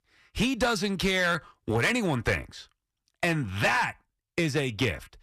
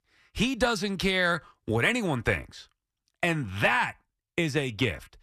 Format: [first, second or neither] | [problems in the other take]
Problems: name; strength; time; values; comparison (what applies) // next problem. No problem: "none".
second | distortion; slight; 4% of the sound clipped